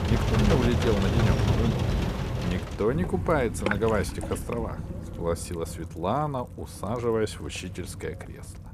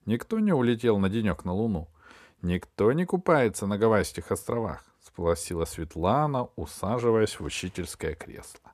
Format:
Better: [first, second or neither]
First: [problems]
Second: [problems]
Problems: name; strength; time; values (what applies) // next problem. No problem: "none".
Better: second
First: rain or running water; very loud; throughout; 1 dB above the speech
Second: none